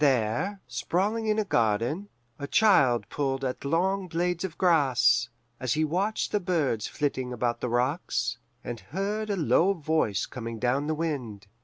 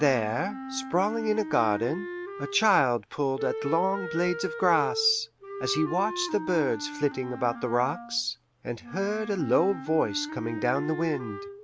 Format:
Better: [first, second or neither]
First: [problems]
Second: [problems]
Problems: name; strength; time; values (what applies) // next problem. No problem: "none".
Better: first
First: none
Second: background sound (Wind instrument, woodwind instrument); 9 dB below the speech